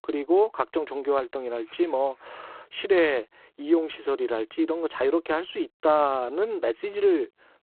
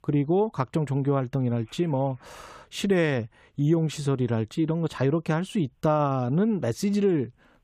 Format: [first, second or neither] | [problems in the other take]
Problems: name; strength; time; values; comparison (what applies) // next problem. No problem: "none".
second | phone-call audio; poor line; nothing above 4 kHz